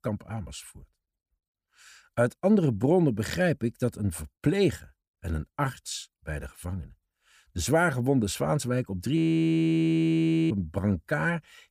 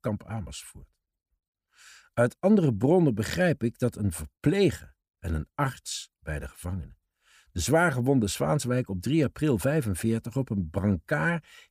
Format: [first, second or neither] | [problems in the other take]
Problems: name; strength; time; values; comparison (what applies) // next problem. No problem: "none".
second | audio freezing; at 9 s for 1.5 s